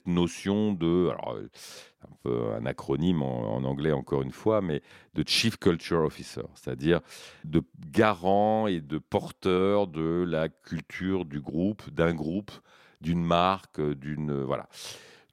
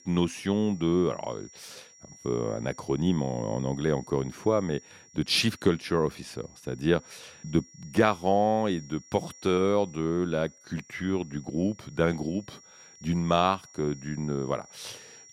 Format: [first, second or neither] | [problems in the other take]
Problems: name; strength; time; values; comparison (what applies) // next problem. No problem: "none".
first | high-pitched whine; faint; throughout; 5.5 kHz, 20 dB below the speech